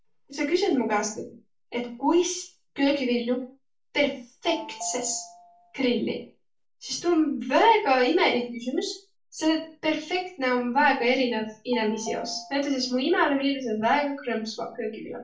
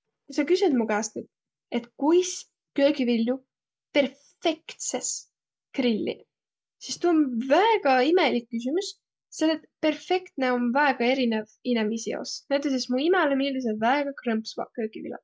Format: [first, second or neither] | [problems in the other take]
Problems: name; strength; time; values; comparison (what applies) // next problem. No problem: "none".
second | background sound (Telephone); 17 dB below the speech // room echo; dies away in 0.3 s